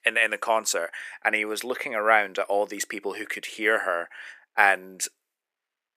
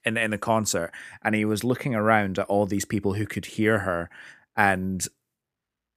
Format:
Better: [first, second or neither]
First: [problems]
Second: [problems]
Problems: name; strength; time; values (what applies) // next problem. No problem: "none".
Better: second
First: thin; very; fading below 450 Hz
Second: none